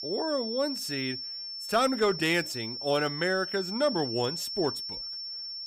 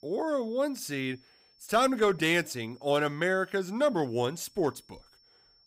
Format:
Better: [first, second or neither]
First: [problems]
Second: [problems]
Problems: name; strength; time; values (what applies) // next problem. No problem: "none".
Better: second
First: high-pitched whine; loud; throughout; 5.5 kHz, 5 dB below the speech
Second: high-pitched whine; faint; throughout; 5.5 kHz, 30 dB below the speech